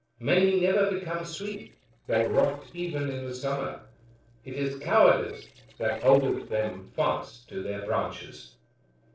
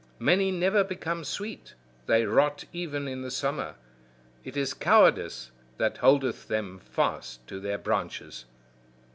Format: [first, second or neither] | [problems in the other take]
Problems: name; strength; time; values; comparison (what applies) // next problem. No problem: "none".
second | noise reduction (neural separator model SepFormer DNS4)